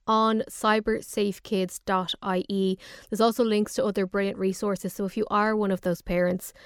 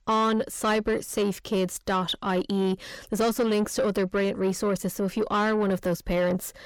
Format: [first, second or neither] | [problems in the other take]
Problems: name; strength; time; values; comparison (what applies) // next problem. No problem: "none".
first | distortion; slight; 10 dB below the speech